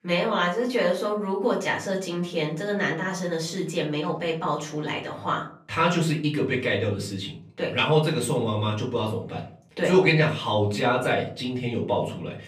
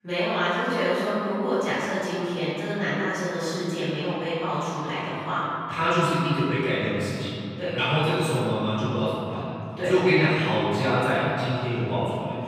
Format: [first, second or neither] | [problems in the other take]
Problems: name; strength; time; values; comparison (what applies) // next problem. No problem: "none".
first | room echo; strong; dies away in 3 s; slight in the first // off-mic speech; far; far in the first